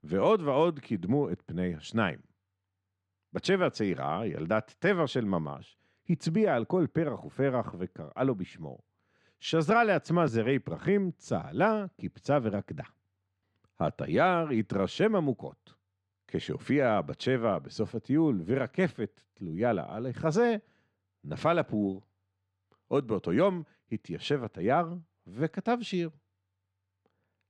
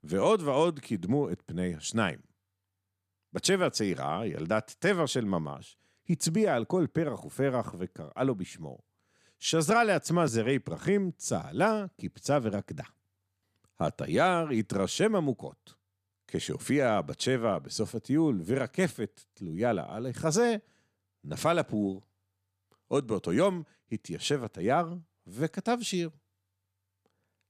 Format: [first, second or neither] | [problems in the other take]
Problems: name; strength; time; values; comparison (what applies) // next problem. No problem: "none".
second | muffled; slightly; fading above 3 kHz